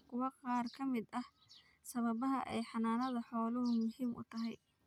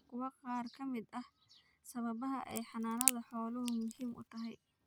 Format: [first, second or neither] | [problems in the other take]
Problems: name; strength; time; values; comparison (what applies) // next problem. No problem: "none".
first | background sound (Crack); 1 dB above the speech